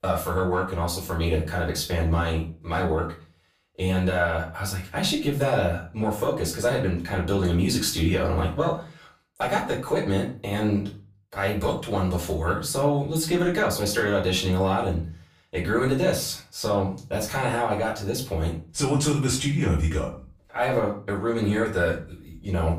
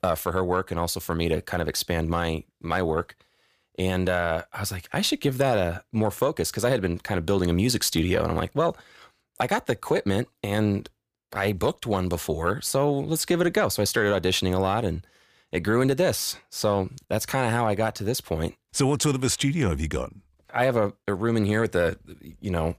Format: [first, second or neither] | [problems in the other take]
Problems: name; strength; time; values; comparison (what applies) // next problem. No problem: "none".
second | room echo; slight; dies away in 0.3 s // off-mic speech; far